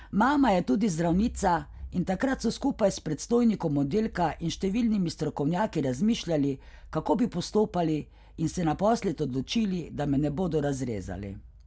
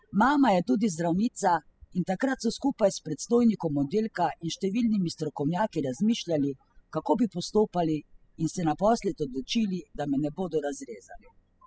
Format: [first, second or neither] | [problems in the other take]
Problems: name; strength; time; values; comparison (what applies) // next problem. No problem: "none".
first | noise reduction (classical method spectral subtraction)